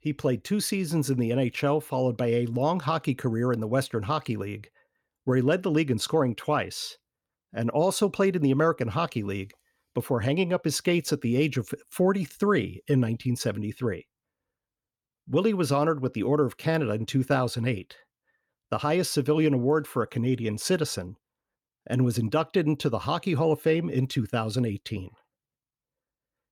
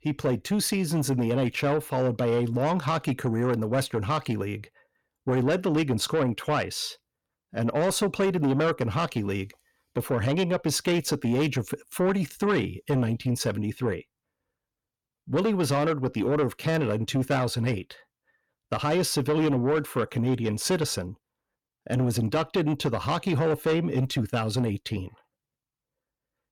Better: first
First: none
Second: distortion; slight; 10 dB below the speech

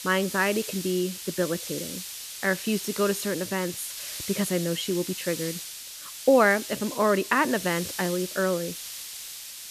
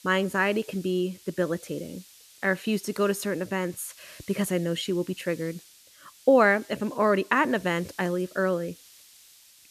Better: second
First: hiss; loud; throughout; 8 dB below the speech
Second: hiss; faint; throughout; 25 dB below the speech

